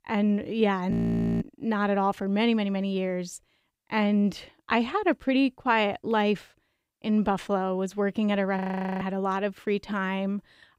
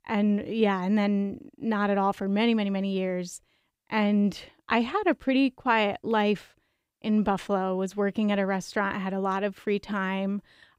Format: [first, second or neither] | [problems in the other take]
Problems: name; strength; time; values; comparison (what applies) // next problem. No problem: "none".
second | audio freezing; at 1 s and at 8.5 s